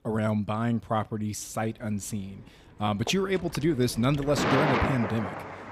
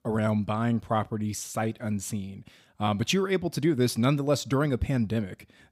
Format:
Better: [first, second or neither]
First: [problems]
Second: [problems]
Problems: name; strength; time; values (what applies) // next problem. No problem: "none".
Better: second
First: rain or running water; loud; throughout; 3 dB below the speech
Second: none